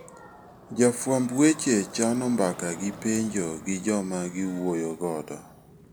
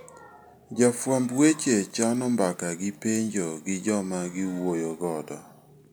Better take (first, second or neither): second